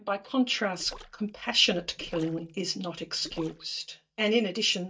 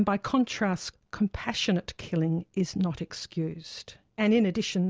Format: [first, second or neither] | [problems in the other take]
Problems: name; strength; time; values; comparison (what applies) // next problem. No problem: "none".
second | noise reduction (neural mask model DeepFilterNet 3)